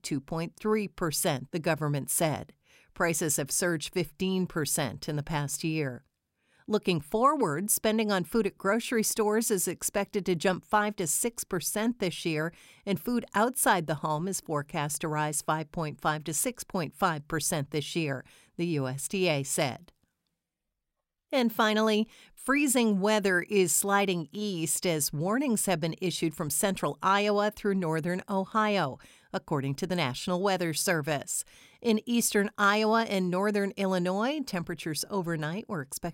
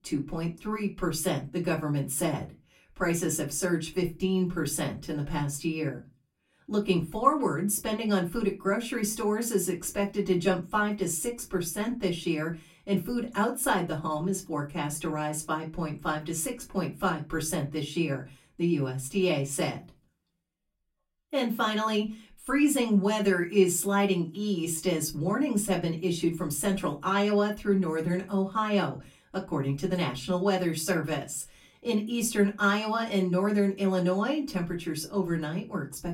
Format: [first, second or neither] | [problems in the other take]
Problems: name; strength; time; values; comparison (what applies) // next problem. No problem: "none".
first | off-mic speech; far // room echo; very slight; dies away in 0.2 s